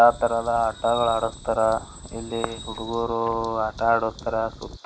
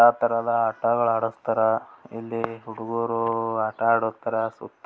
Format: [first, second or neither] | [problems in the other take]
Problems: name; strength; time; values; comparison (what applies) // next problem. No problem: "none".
second | background sound (Bird vocalization, bird call, bird song + Wind); 16 dB below the speech